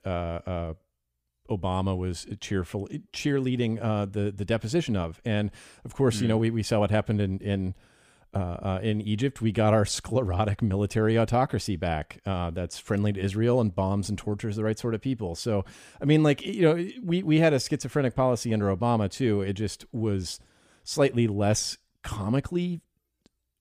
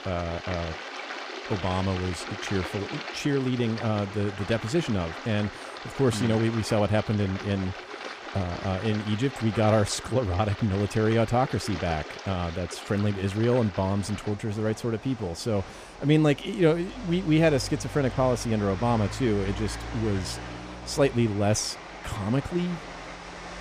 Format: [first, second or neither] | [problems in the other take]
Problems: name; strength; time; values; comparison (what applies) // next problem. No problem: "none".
first | rain or running water; noticeable; throughout; 10 dB below the speech